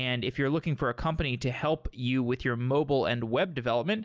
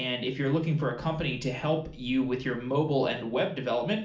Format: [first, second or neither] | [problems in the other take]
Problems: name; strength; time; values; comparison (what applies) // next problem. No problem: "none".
first | room echo; dies away in 0.4 s